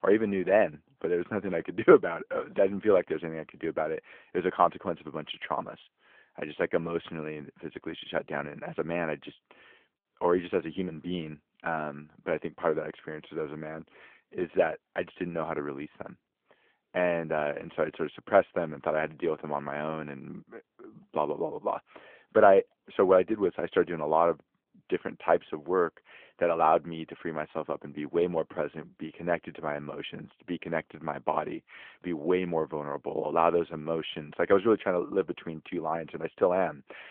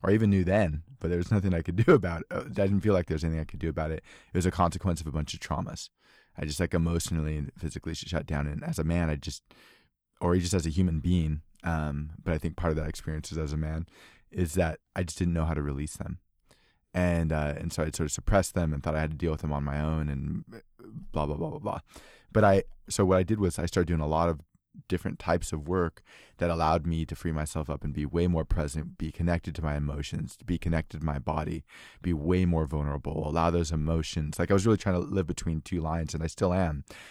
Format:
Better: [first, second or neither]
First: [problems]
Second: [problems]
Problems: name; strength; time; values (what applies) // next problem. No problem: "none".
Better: second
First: phone-call audio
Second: none